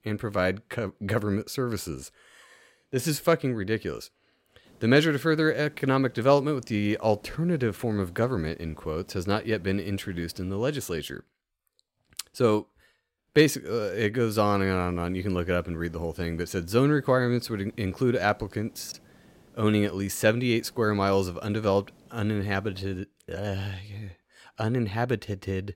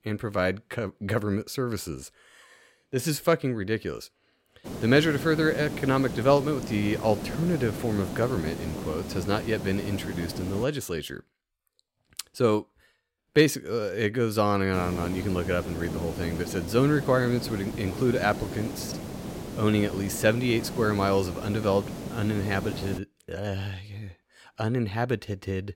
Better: first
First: hiss; faint; from 4.5 to 11 s and from 15 to 23 s; 30 dB below the speech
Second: hiss; loud; from 4.5 to 11 s and from 15 to 23 s; 9 dB below the speech

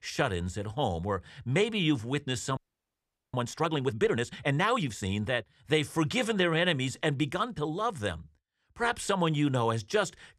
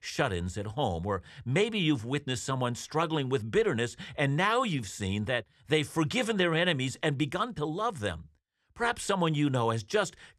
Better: second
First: audio freezing; at 2.5 s for 1 s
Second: none

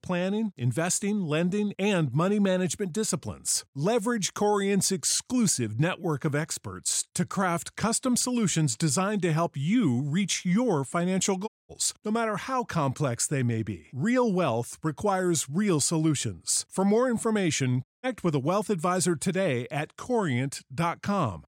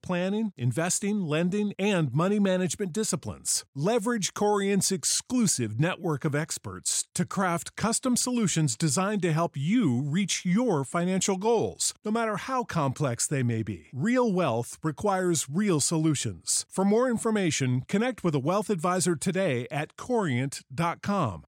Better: second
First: audio cutting out; at 11 s and at 18 s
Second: none

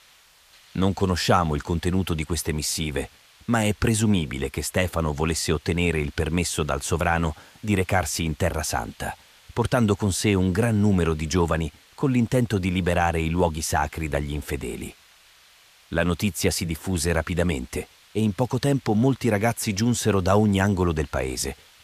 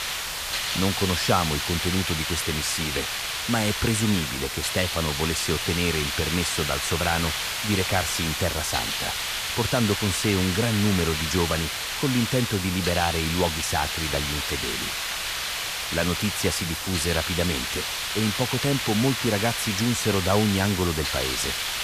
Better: first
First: hiss; faint; throughout; 30 dB below the speech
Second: hiss; loud; throughout; as loud as the speech

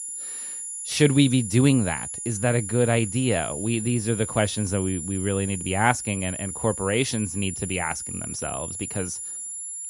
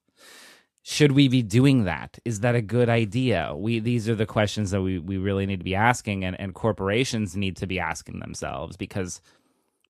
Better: second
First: high-pitched whine; loud; throughout; 10.5 kHz, 6 dB below the speech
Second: none

